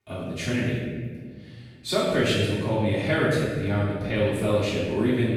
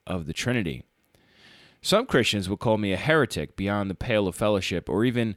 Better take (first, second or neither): second